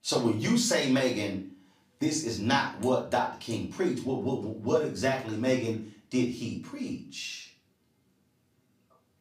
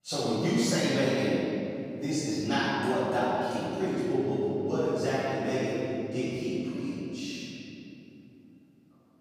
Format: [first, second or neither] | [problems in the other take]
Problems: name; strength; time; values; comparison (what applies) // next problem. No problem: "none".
first | room echo; strong; dies away in 3 s; slight in the first // off-mic speech; far; far in the first